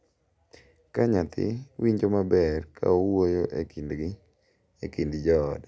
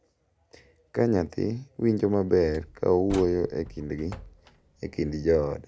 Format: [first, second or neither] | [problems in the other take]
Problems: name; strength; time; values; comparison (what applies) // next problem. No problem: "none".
first | background sound (Slam); 18 dB below the speech